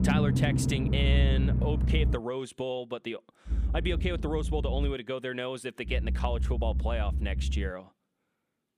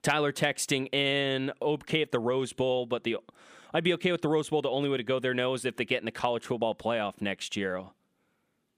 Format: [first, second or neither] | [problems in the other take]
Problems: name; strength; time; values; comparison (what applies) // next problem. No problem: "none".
second | low rumble; loud; until 2 s, from 3.5 to 5 s and from 6 to 7.5 s; 7 dB below the speech